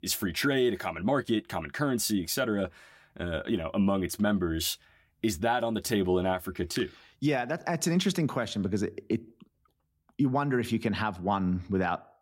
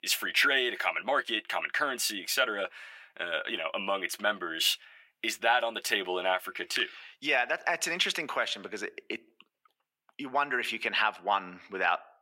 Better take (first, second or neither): first